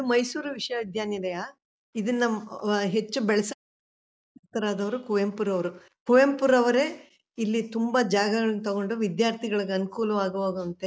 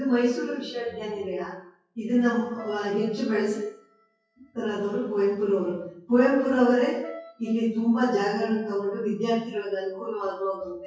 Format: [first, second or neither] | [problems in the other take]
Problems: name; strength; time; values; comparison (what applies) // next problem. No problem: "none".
first | noise reduction (classical method WPE with log-MMSE)